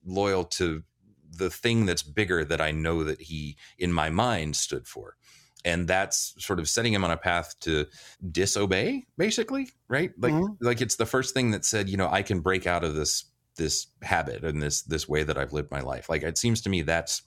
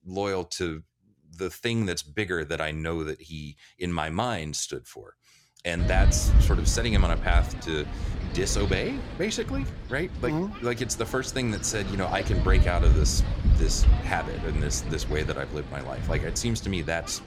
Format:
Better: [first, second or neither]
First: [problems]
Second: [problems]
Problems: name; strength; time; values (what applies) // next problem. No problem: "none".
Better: first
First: none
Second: wind noise on the microphone; heavy; from 6 s on; 9 dB below the speech